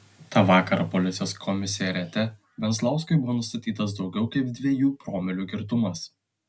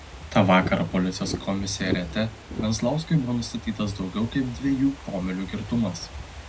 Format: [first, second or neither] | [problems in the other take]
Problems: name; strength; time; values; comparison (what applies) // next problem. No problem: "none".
first | background sound (Fireworks / Ocean); 11 dB below the speech